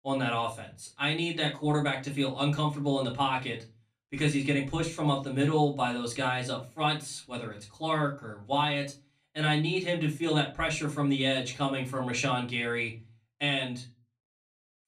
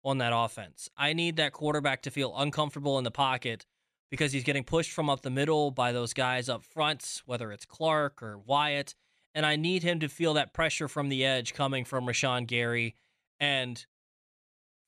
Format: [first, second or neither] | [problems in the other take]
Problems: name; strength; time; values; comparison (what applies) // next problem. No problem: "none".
second | off-mic speech; far // room echo; very slight; dies away in 0.3 s